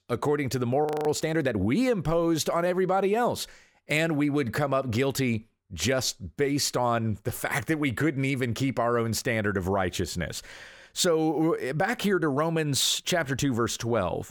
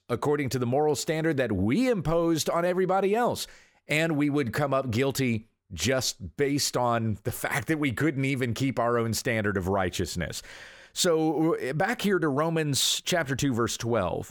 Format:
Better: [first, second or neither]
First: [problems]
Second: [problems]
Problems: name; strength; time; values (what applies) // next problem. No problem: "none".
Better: second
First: audio freezing; at 1 s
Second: none